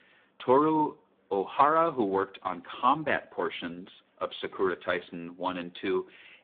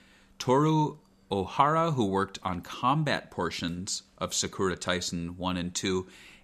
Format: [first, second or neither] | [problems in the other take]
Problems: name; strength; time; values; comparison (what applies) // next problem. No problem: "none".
second | phone-call audio; poor line; nothing above 3.5 kHz